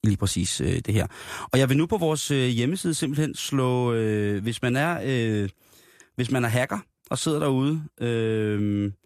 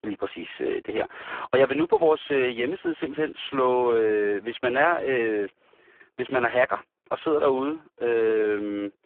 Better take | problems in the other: first | phone-call audio; poor line

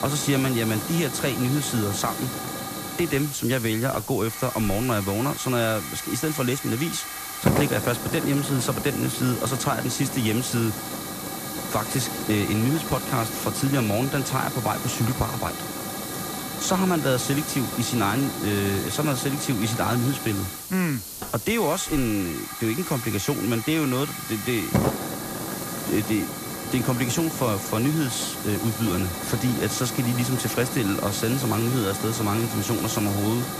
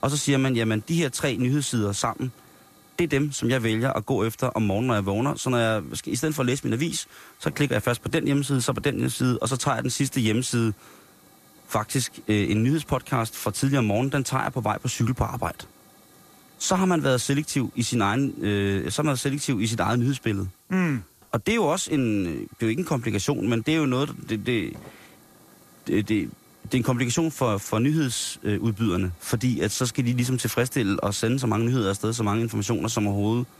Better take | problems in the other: second | hiss; loud; throughout; 5 dB below the speech; faint in the second

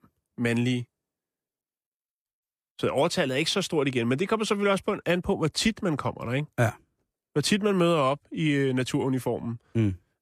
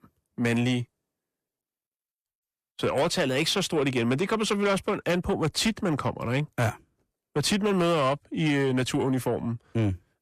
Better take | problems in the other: first | distortion; slight; 10 dB below the speech

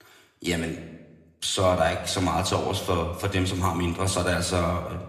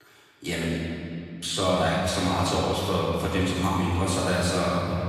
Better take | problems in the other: first | room echo; strong; dies away in 2.6 s; slight in the first // off-mic speech; far; somewhat distant in the first

